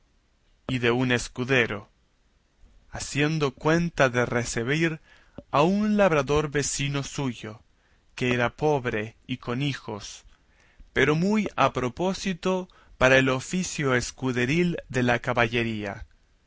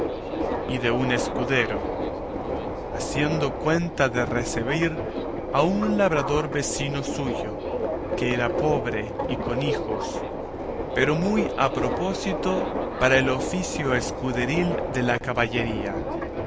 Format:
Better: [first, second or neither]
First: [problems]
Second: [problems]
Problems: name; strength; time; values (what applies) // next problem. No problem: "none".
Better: first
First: none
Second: background sound (Subway, metro, underground); 2 dB below the speech